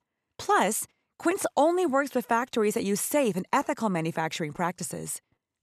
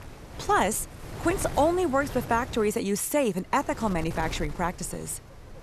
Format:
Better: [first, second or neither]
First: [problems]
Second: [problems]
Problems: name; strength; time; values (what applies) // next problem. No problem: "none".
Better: first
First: none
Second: wind noise on the microphone; occasional gusts; 15 dB below the speech